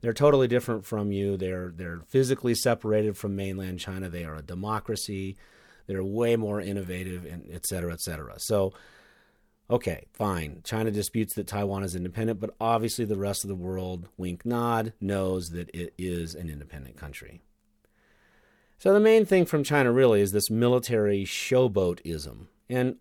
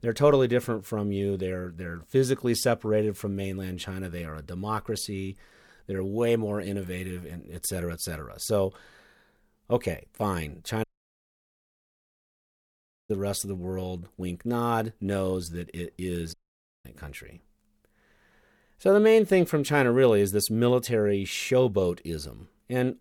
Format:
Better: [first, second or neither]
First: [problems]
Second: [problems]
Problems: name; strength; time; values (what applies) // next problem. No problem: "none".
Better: first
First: none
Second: audio cutting out; at 11 s for 2.5 s and at 16 s for 0.5 s